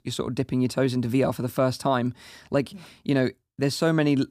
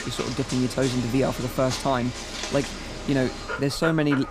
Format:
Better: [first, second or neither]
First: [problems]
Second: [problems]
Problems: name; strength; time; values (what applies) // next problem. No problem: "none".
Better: first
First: none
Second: animal sounds; loud; throughout; 7 dB below the speech